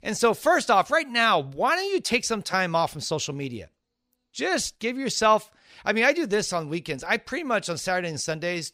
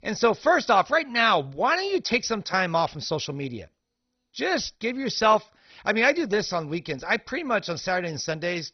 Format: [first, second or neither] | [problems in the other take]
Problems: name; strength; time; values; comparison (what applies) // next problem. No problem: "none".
first | garbled, watery; badly; nothing above 6 kHz